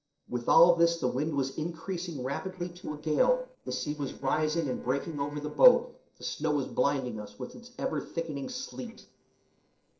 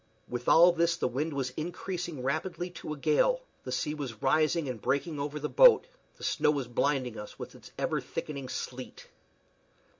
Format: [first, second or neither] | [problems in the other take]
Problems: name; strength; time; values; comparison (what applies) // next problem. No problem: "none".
second | noise reduction (neural separator model SepFormer DNS4)